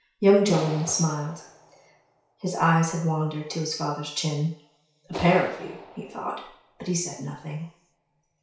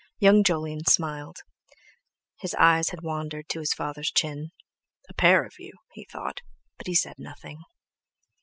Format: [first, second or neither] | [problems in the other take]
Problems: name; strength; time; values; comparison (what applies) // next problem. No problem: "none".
second | background sound (Clapping); 16 dB below the speech // room echo; dies away in 0.6 s